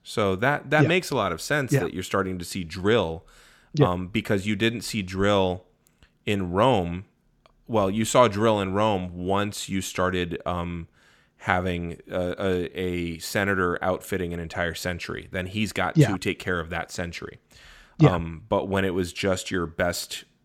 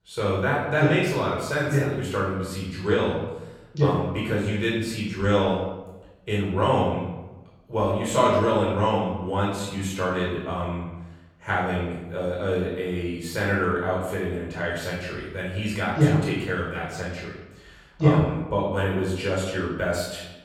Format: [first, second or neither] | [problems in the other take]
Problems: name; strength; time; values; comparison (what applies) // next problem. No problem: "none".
first | off-mic speech; far // room echo; noticeable; dies away in 0.9 s